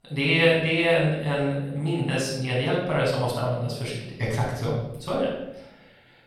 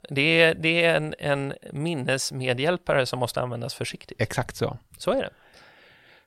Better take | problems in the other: second | off-mic speech; far // room echo; noticeable; dies away in 0.8 s

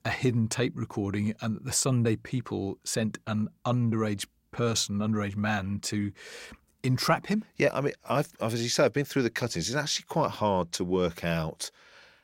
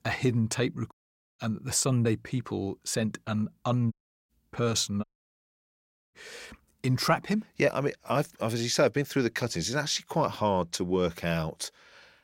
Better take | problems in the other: first | audio cutting out; at 1 s, at 4 s and at 5 s for 1 s

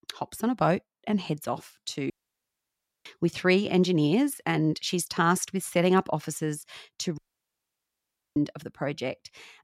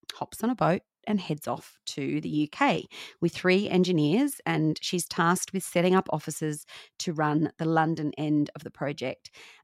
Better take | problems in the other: second | audio cutting out; at 2 s for 1 s and at 7 s for 1 s

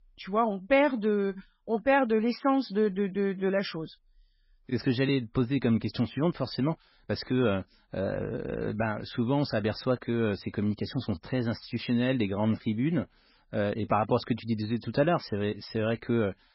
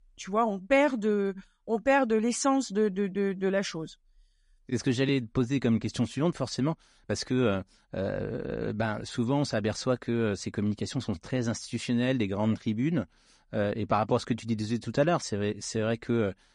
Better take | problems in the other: second | garbled, watery; badly; nothing above 5.5 kHz; slightly in the second

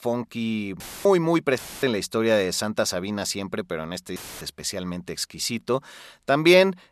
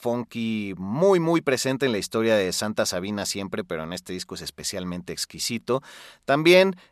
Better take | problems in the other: second | audio cutting out; filled with static; at 1 s, at 1.5 s and at 4 s

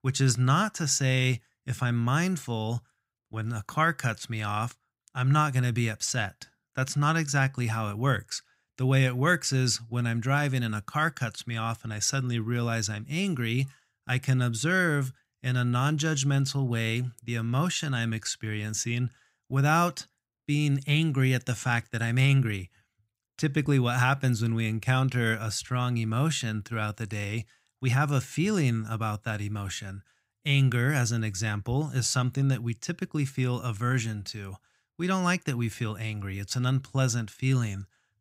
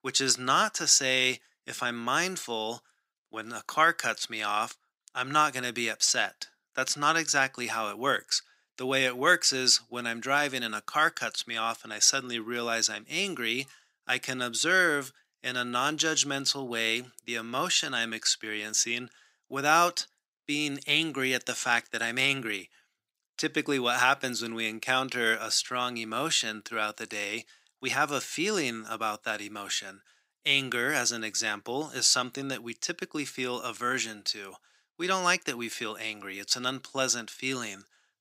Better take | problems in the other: first | thin; very; fading below 350 Hz

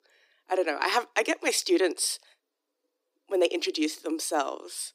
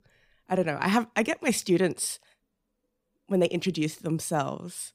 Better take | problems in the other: second | thin; very; fading below 300 Hz

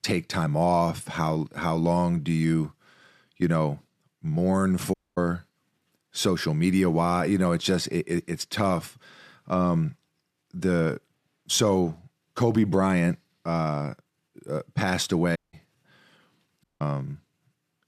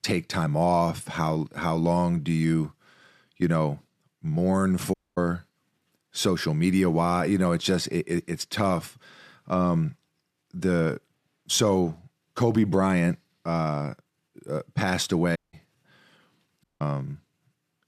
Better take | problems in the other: neither | audio cutting out; at 5 s, at 15 s and at 17 s; the same in both

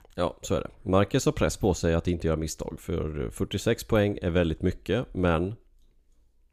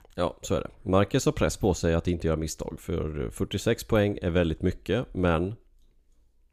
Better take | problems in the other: neither | none

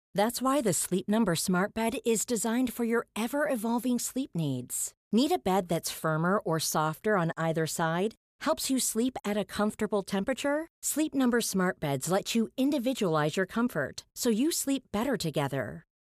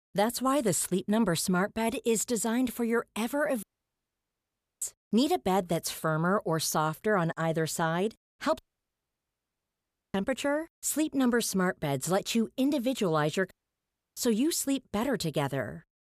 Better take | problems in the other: first | audio cutting out; at 3.5 s for 1 s, at 8.5 s for 1.5 s and at 14 s for 0.5 s

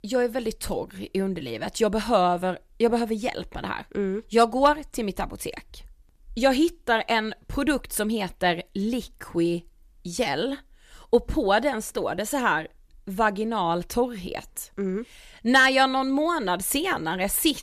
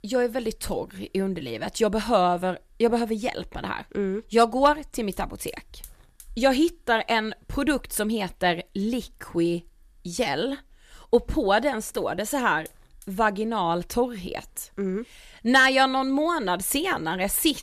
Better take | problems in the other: first | hiss; faint; throughout; 25 dB below the speech

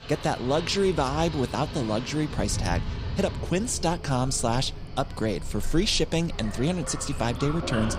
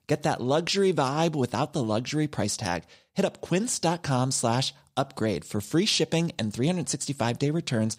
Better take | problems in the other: second | rain or running water; loud; throughout; 9 dB below the speech

